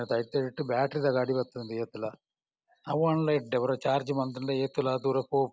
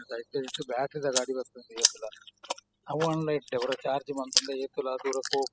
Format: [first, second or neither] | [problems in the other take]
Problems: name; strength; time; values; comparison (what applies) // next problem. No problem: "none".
first | noise reduction (classical method spectral subtraction)